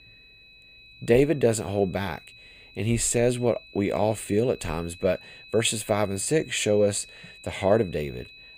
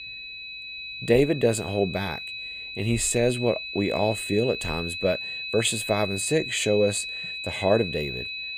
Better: first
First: high-pitched whine; faint; throughout; 2.5 kHz, 20 dB below the speech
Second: high-pitched whine; loud; throughout; 2.5 kHz, 7 dB below the speech

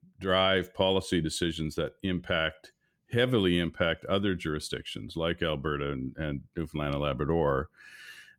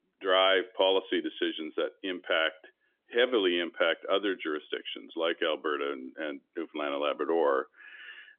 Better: first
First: none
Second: phone-call audio; nothing above 3.5 kHz

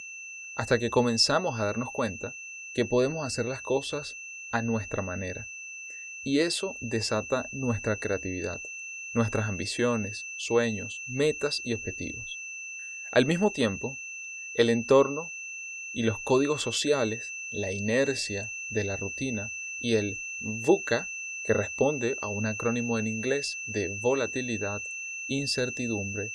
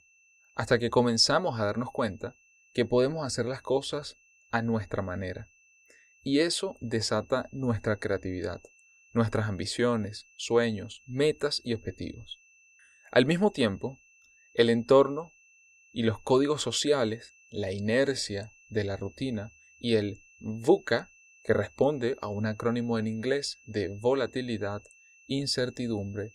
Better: second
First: high-pitched whine; loud; throughout; 2.5 kHz, 7 dB below the speech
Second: high-pitched whine; faint; throughout; 2.5 kHz, 30 dB below the speech

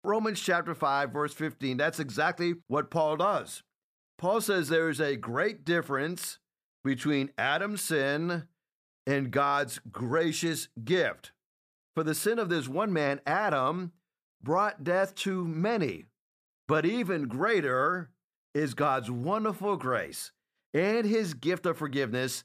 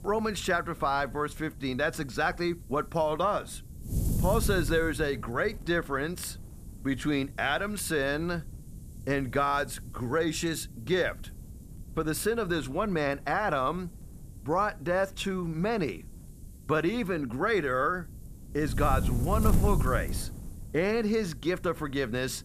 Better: first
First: none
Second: wind noise on the microphone; occasional gusts; 20 dB below the speech

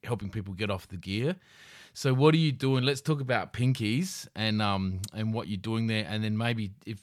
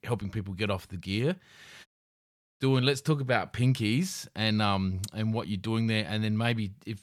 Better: first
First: none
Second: audio cutting out; at 2 s for 0.5 s

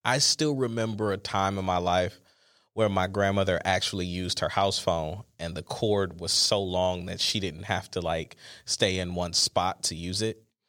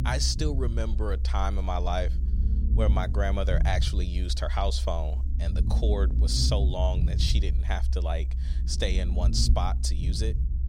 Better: first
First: none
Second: low rumble; noticeable; throughout; 10 dB below the speech

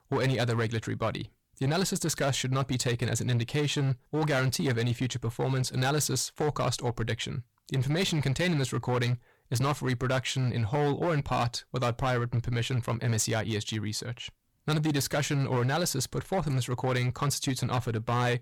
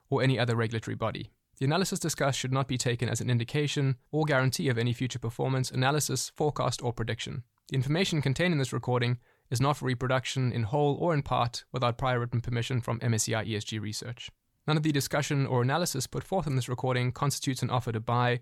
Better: second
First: distortion; slight; 12% of the sound clipped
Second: none

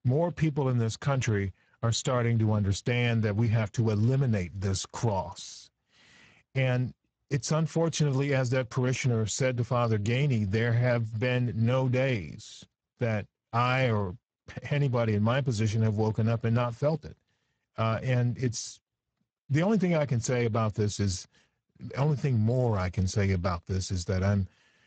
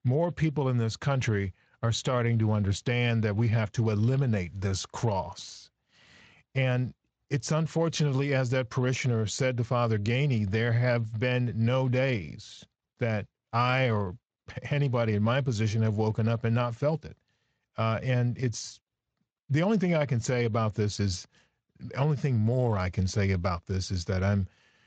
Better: second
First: garbled, watery; badly; nothing above 7.5 kHz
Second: garbled, watery; slightly; nothing above 7.5 kHz

